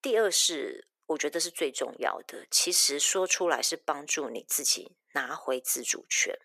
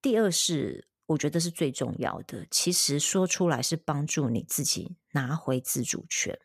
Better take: second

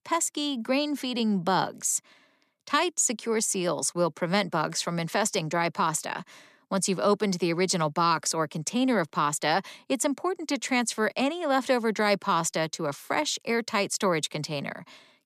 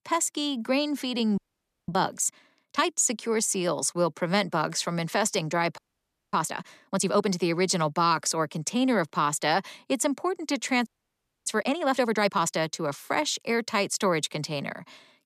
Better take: first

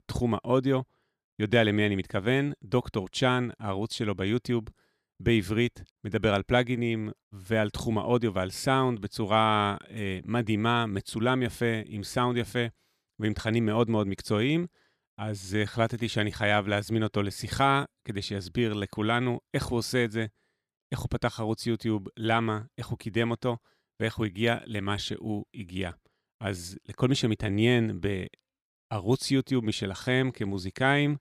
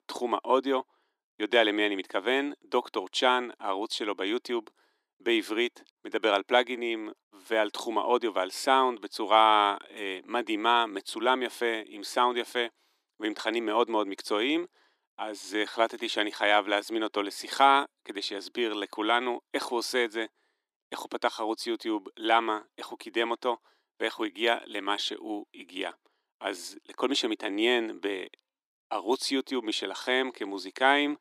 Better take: first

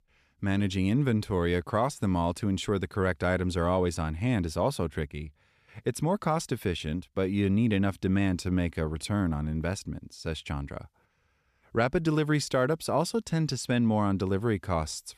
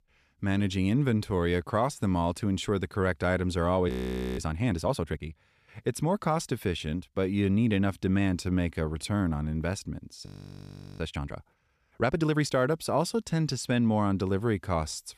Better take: first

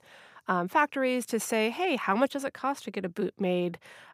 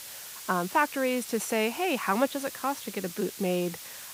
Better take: first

